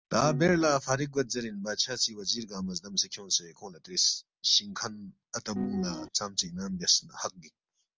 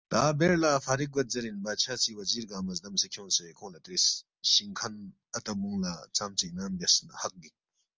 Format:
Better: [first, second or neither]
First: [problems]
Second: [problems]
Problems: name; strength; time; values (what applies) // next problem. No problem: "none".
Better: second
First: background sound (Piano); 7 dB below the speech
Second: none